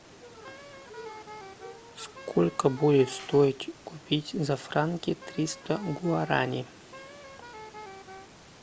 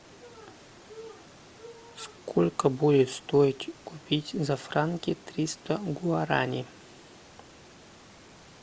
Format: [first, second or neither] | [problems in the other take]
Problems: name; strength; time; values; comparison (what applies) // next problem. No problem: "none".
second | background sound (Clapping + Wind instrument, woodwind instrument); 17 dB below the speech